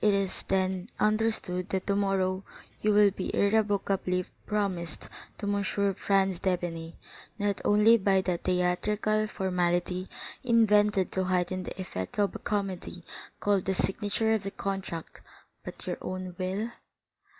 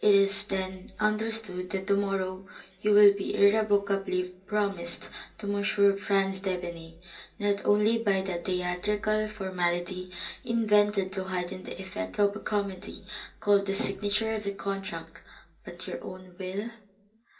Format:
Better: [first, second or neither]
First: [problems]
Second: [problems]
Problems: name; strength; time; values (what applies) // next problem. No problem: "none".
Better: first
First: none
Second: room echo; dies away in 0.3 s